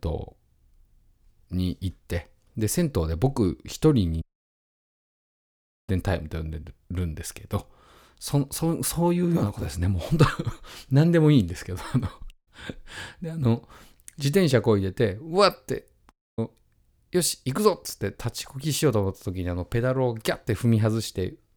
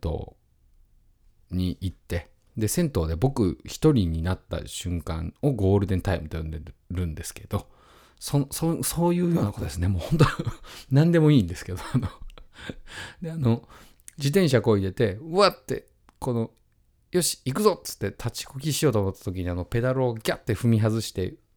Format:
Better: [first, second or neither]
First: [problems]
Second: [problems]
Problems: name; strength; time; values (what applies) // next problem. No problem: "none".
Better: second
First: audio cutting out; at 4 s for 1.5 s, at 12 s and at 16 s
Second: none